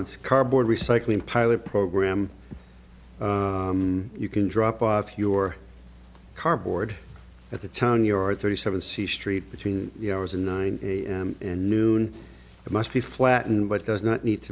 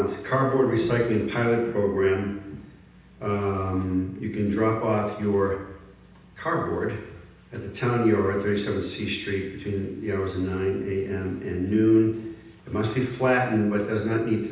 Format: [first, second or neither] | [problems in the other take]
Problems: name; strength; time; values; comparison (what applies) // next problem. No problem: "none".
first | room echo; dies away in 0.9 s